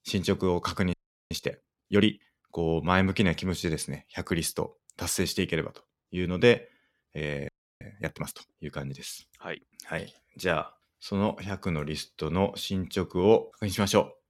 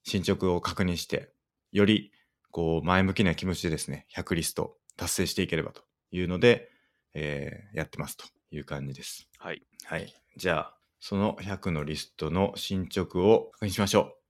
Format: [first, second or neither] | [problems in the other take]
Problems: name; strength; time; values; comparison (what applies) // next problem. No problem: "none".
second | audio freezing; at 1 s and at 7.5 s